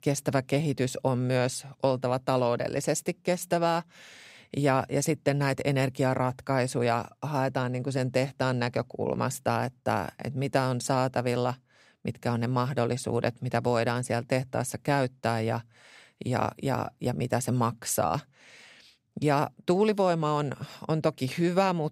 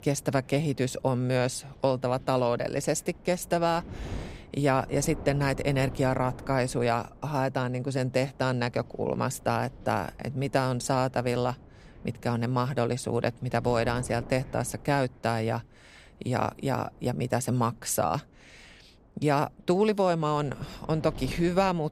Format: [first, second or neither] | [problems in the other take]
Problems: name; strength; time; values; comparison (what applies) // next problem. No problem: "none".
first | wind noise on the microphone; occasional gusts; 25 dB below the speech